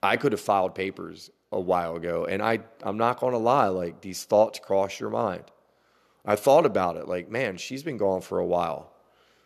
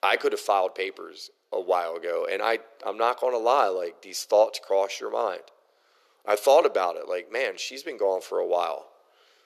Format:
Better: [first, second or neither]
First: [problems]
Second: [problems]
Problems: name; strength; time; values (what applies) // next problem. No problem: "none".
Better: first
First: none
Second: thin; very; fading below 400 Hz